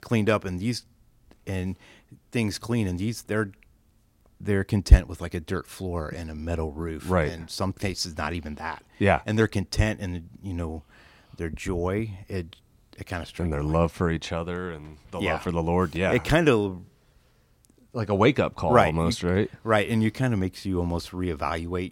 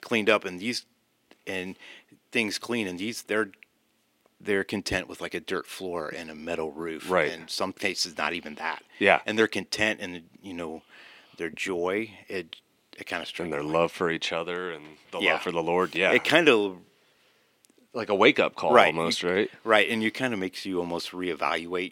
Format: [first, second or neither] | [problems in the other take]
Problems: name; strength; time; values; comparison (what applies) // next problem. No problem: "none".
first | thin; somewhat; fading below 350 Hz